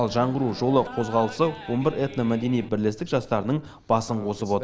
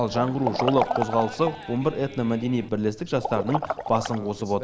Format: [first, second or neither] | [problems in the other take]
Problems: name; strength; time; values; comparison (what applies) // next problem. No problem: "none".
first | background sound (Liquid); 7 dB below the speech